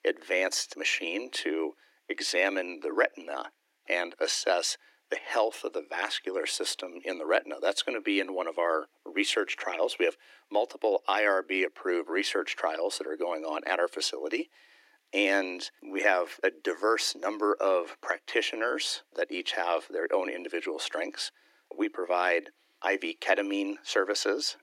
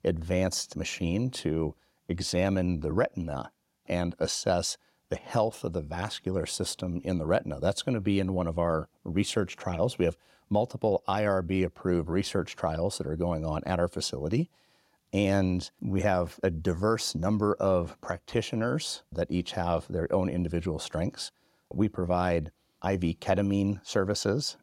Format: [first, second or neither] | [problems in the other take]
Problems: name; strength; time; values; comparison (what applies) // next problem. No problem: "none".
second | thin; somewhat; fading below 300 Hz